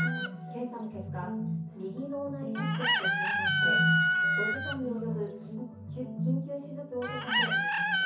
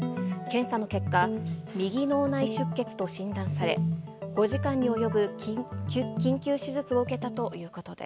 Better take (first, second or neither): second